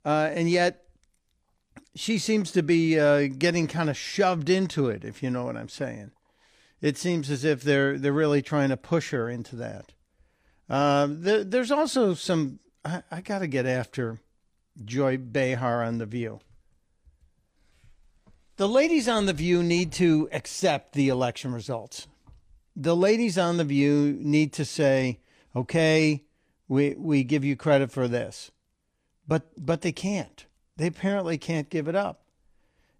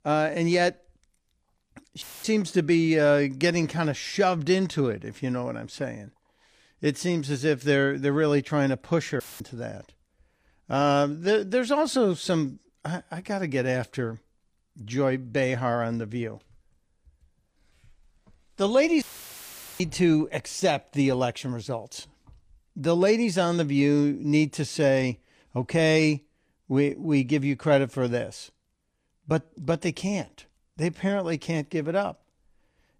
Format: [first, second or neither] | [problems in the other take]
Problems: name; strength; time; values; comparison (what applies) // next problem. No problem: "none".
first | audio cutting out; filled with static; at 2 s, at 9 s and at 19 s for 1 s